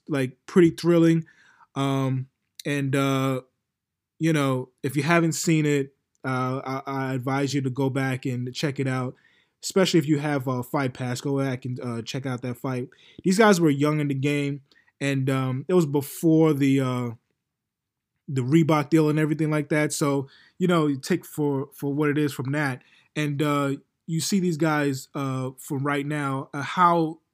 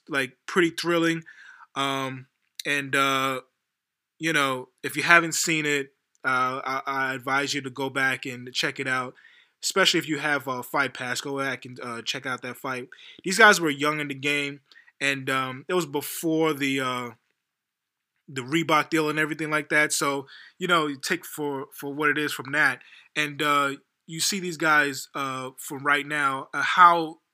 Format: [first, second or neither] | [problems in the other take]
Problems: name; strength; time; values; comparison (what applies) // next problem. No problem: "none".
first | thin; somewhat; fading below 850 Hz